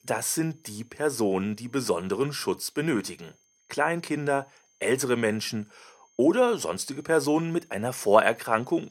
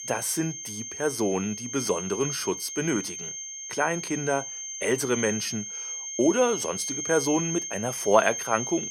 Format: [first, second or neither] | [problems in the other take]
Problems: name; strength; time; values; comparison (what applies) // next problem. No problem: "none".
first | high-pitched whine; loud; throughout; 6.5 kHz, 5 dB below the speech; faint in the first